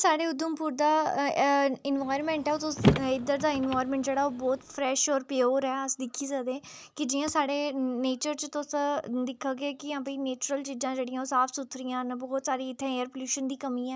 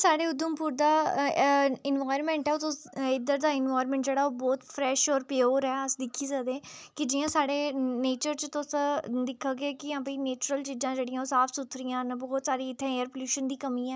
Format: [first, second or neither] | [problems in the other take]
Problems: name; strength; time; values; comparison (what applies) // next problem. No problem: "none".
second | background sound (Car); 3 dB below the speech